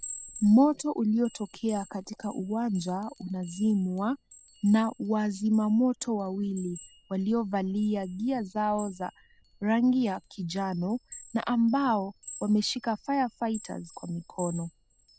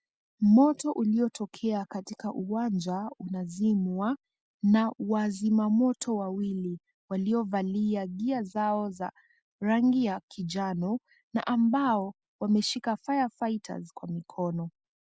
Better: second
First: background sound (Chime); 20 dB below the speech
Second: none

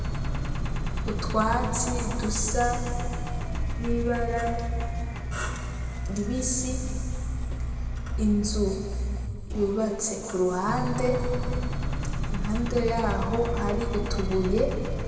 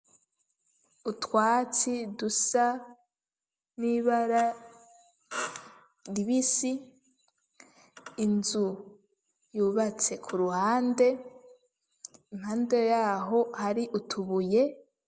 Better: second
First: background sound (Engine); as loud as the speech // room echo; dies away in 2.1 s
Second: none

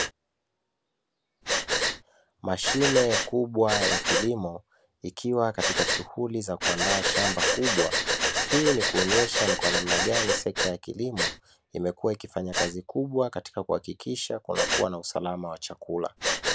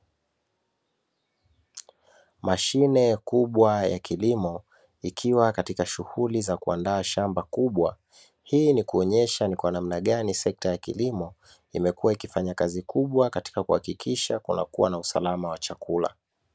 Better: second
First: background sound (Breathing); as loud as the speech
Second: none

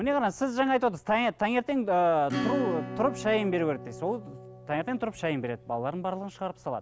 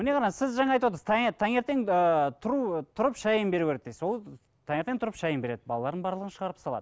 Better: second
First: background sound (Acoustic guitar / Strum); 11 dB below the speech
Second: none

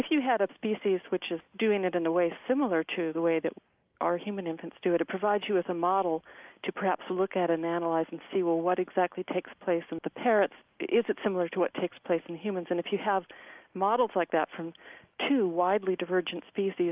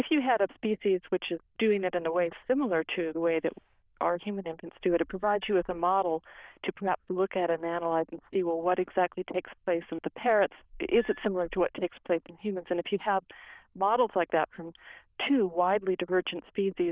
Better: first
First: none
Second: noise reduction (neural diffusion model UNIVERSE++)

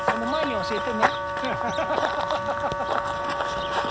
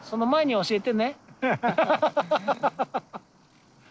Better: second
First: background sound (Run / Bird vocalization, bird call, bird song + Wind instrument, woodwind instrument); 5 dB above the speech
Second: none

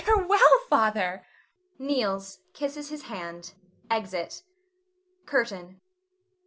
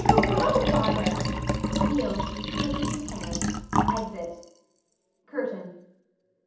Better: first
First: none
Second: background sound (Liquid); 4 dB above the speech // room echo; dies away in 0.8 s

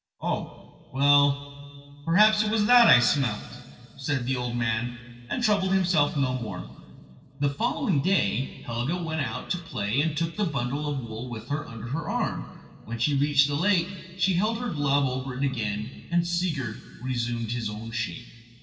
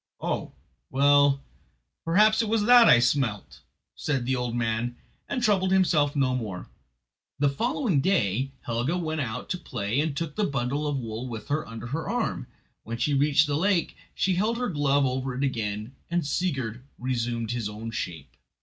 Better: second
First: room echo; dies away in 2.5 s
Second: none

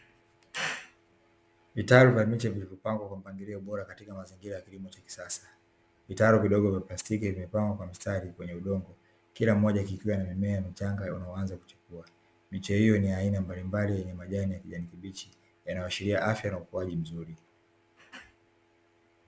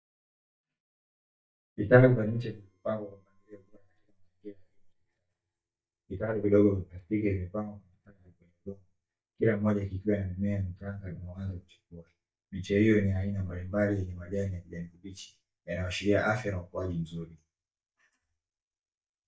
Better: first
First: none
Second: noise reduction (neural mask model DeepFilterNet 3)

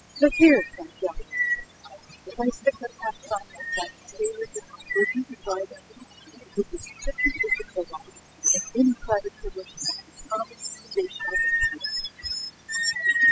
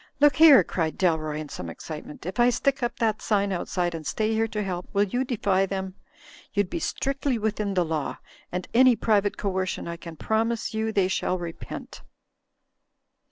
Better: second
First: noise reduction (classical method spectral subtraction)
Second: none

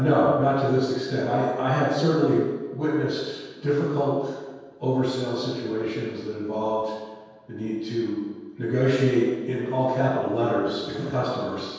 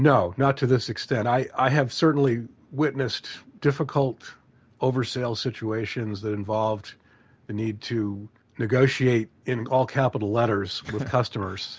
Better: second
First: room echo; dies away in 1.2 s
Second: none

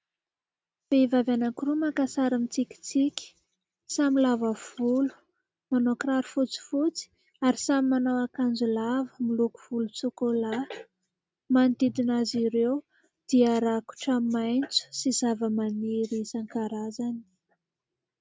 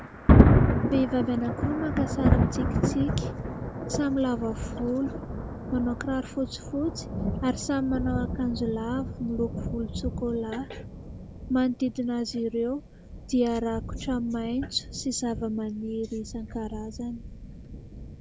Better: first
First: none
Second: background sound (Thunder); 2 dB above the speech

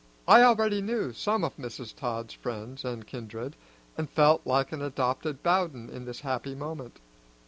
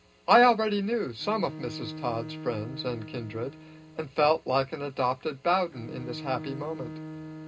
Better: first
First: none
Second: background sound (Bowed string instrument); 14 dB below the speech // room echo; dies away in 0.2 s

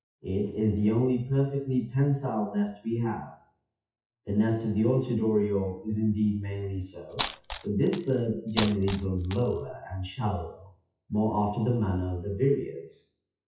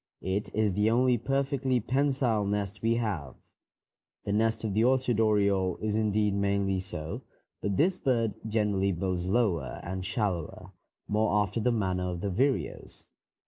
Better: second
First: noise reduction (classical method WPE with log-MMSE)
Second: none

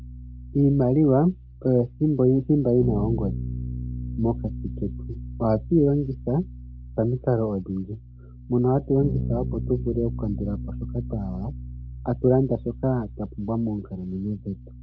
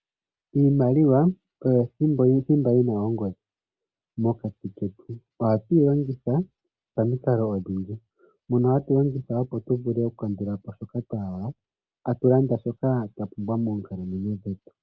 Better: second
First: background sound (Bass guitar); 9 dB below the speech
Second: none

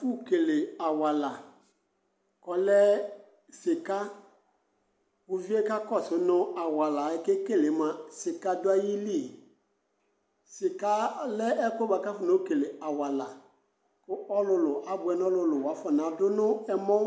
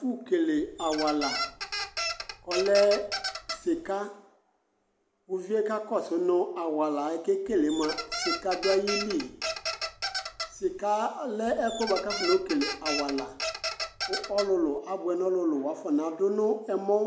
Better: first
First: none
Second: background sound (Squeak); 6 dB below the speech

